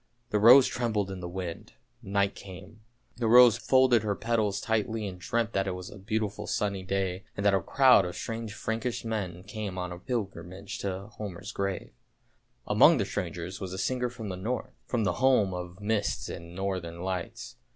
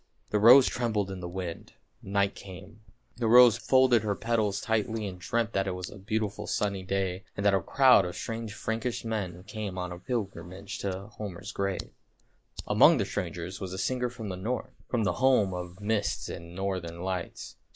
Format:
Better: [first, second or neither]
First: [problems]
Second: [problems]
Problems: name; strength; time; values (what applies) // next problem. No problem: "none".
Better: first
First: none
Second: noise reduction (neural mask model Resemble Enhance denoiser)